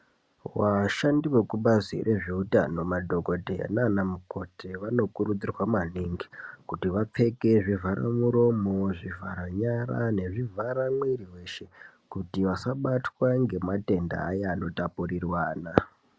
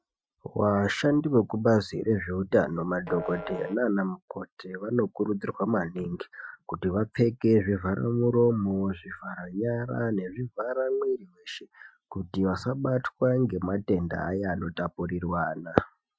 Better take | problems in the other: first | noise reduction (classical method Wiener filter)

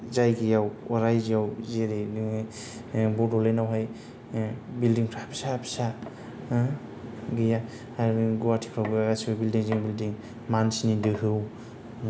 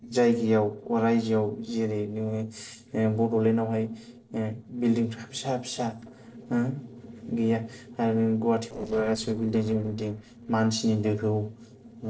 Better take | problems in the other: first | noise reduction (neural separator model SepFormer DNS4)

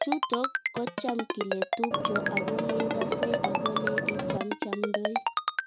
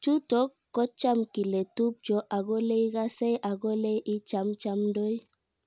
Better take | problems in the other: second | background sound (Vehicle + Ringtone); 4 dB above the speech

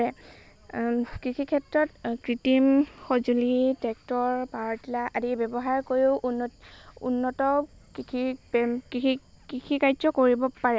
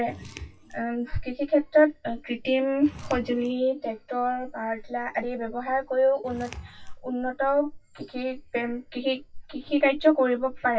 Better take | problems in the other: first | noise reduction (classical method WPE with log-MMSE)

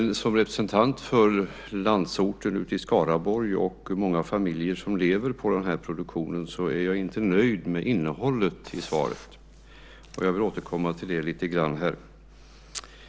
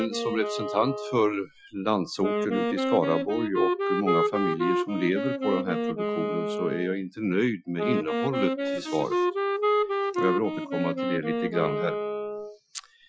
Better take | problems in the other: first | noise reduction (classical method Wiener filter)

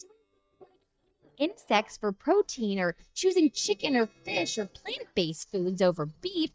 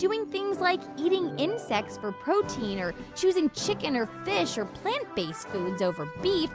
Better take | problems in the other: second | noise reduction (neural mask model DeepFilterNet 3)

